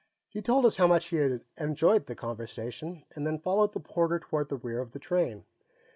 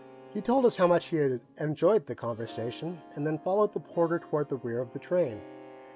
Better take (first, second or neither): first